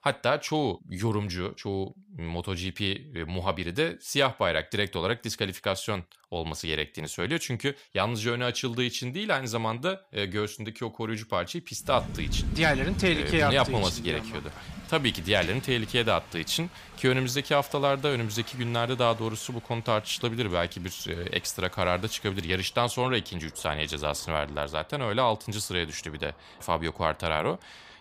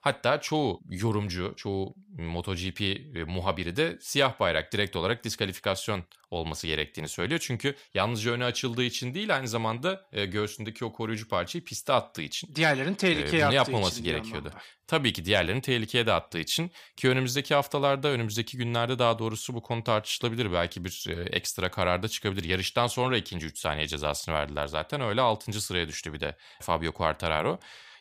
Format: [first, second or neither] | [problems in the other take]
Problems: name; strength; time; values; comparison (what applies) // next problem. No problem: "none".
second | rain or running water; noticeable; from 12 s on; 15 dB below the speech